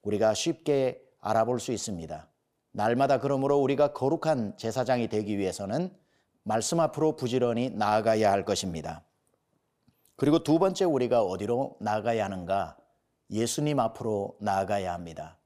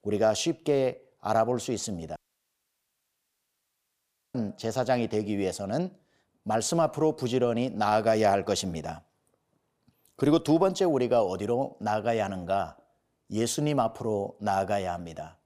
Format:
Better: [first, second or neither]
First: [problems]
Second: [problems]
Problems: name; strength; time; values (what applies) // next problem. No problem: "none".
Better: first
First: none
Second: audio cutting out; at 2 s for 2 s